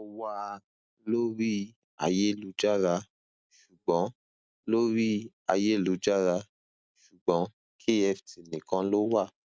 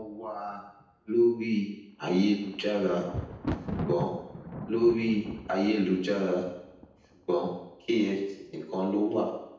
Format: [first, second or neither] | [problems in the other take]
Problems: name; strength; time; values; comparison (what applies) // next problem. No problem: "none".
first | background sound (Thunder); 12 dB below the speech // room echo; dies away in 0.9 s